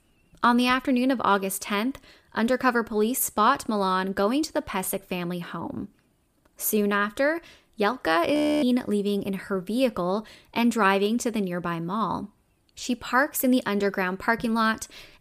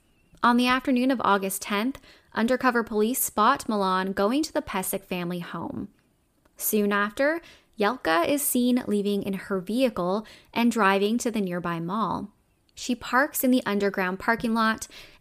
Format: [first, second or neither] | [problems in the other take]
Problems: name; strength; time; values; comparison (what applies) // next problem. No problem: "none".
second | audio freezing; at 8.5 s